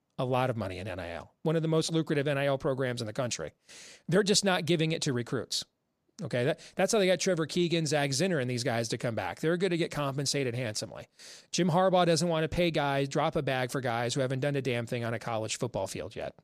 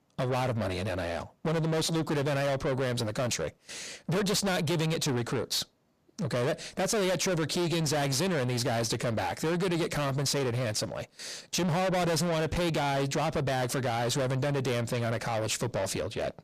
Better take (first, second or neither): first